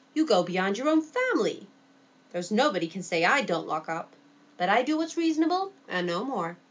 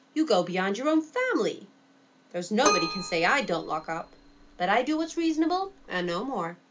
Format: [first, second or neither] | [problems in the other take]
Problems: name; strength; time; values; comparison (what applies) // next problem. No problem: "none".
first | background sound (Keyboard (musical)); 7 dB below the speech